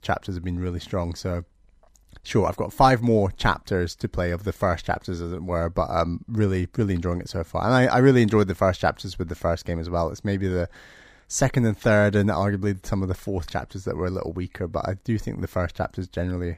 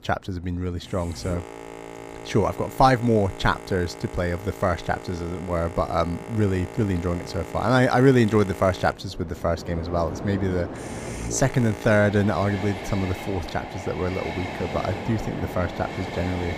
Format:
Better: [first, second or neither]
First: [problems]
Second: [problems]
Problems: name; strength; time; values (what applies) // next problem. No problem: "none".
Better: first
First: none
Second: train or aircraft noise; noticeable; throughout; 10 dB below the speech